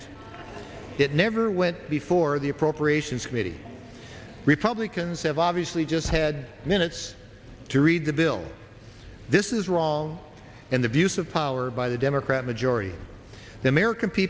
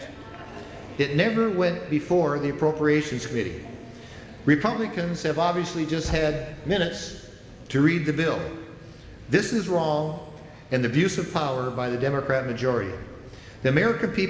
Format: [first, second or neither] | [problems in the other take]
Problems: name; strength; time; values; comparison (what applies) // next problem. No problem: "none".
first | room echo; dies away in 1.7 s